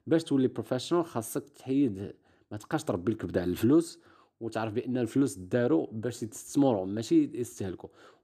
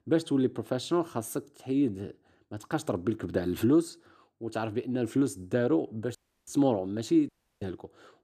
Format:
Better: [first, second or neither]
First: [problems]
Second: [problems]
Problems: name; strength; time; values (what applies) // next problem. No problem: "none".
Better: first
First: none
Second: audio cutting out; at 6 s and at 7.5 s